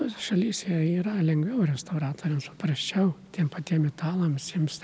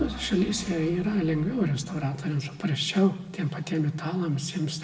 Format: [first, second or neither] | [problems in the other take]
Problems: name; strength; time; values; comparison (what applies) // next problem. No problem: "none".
first | background sound (Engine / Vehicle); 19 dB below the speech // room echo; dies away in 0.6 s